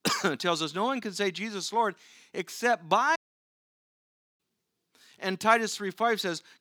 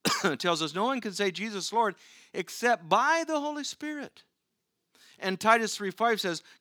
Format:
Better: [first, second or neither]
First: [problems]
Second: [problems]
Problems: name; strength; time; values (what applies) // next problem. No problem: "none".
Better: second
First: audio cutting out; at 3 s for 1 s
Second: none